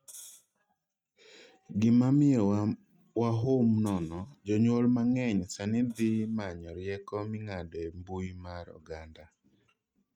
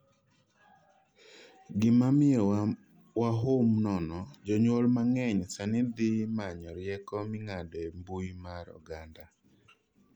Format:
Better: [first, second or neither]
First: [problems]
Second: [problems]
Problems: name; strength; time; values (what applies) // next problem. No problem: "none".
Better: second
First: noise reduction (neural mask model RNNoise)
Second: none